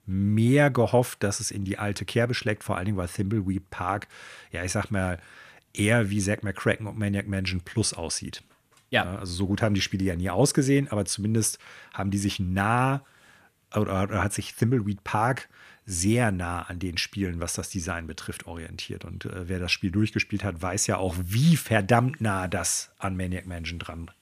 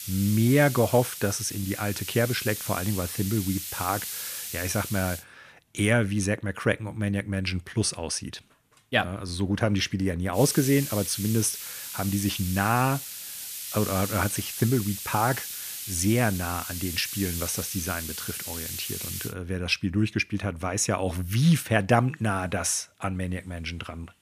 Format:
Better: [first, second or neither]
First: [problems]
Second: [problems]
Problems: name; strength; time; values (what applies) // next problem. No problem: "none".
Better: first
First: none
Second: hiss; loud; until 5 s and from 10 to 19 s; 7 dB below the speech